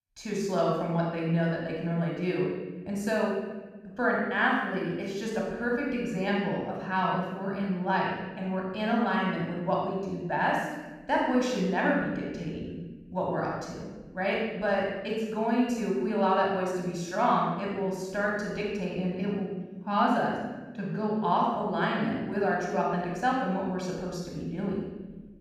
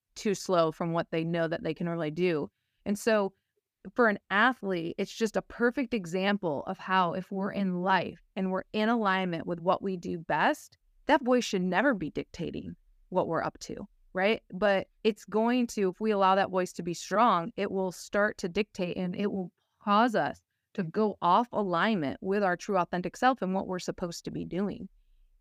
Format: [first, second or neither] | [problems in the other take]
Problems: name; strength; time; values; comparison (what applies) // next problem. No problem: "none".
second | off-mic speech; far // room echo; strong; dies away in 1.1 s